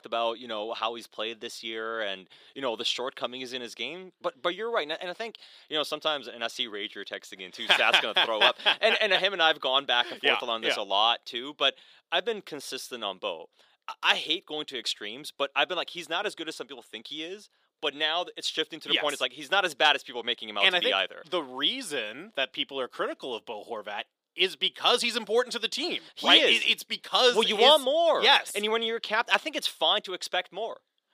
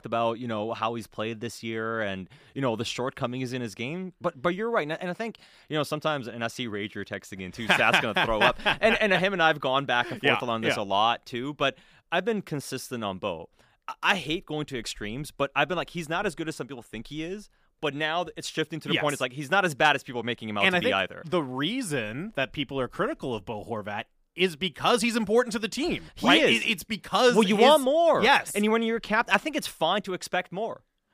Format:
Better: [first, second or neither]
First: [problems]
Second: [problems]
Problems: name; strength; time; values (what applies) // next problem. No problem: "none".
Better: second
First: thin; somewhat; fading below 400 Hz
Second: none